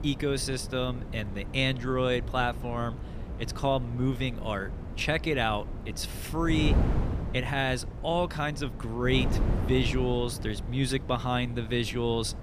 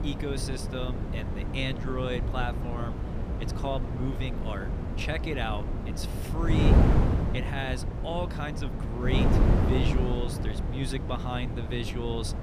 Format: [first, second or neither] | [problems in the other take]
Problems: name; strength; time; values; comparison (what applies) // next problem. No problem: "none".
first | wind noise on the microphone; heavy; 2 dB below the speech; occasional gusts in the first